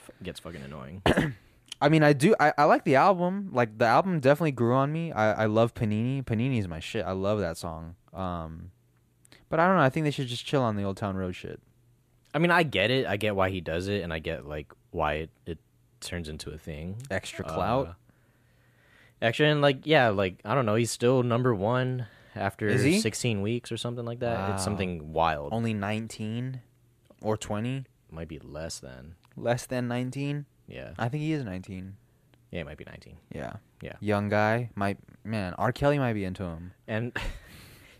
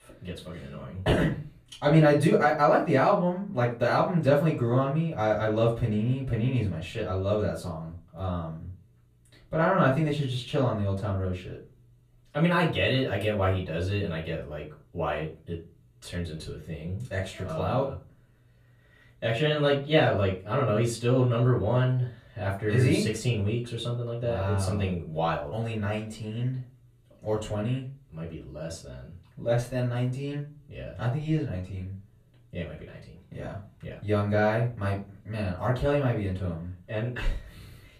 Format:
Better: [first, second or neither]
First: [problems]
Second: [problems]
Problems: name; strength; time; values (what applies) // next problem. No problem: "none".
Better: first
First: none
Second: off-mic speech; far // room echo; slight; dies away in 0.3 s